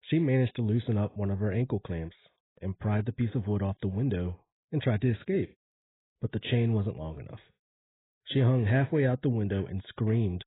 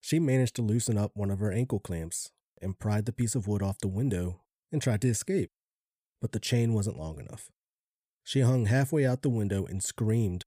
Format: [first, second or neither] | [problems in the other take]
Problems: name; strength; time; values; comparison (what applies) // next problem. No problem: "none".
second | garbled, watery; badly; nothing above 3.5 kHz